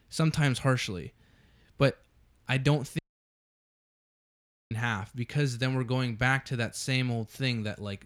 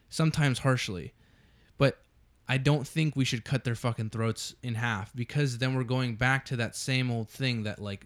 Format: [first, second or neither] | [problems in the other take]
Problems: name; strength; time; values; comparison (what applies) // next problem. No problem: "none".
second | audio cutting out; at 3 s for 1.5 s